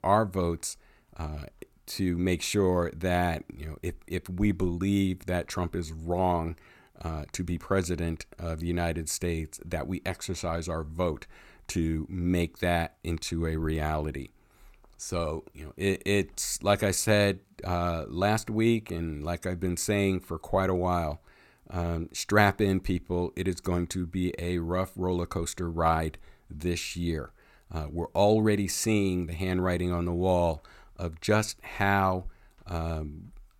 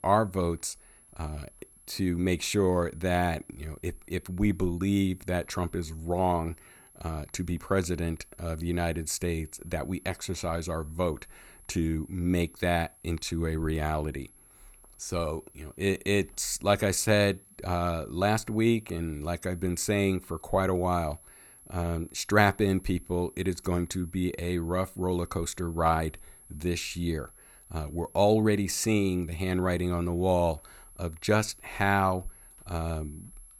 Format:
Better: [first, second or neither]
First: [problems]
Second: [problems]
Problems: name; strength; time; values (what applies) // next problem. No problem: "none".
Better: first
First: none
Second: high-pitched whine; faint; throughout; 11 kHz, 25 dB below the speech